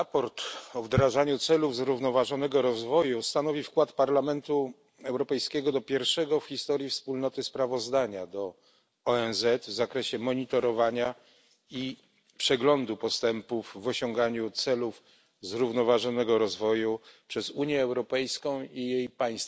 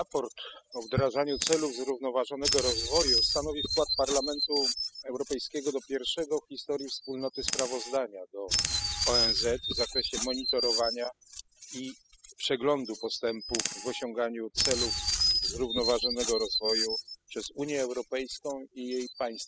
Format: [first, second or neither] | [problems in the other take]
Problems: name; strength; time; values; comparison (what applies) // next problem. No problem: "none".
first | noise reduction (classical method spectral subtraction)